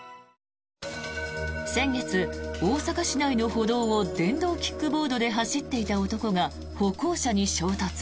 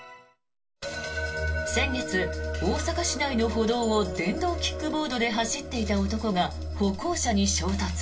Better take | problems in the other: first | room echo; dies away in 0.2 s

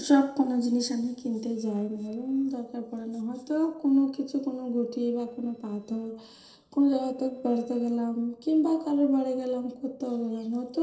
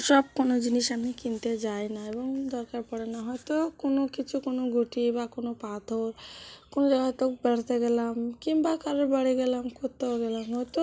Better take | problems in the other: second | noise reduction (neural separator model SepFormer DNS4)

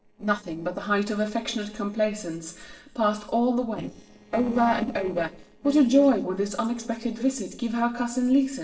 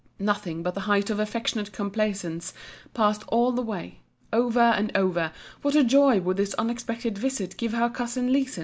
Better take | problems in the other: second | noise reduction (neural separator model SepFormer DNS4)

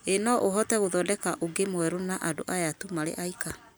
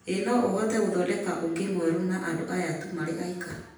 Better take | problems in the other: first | room echo; dies away in 0.8 s

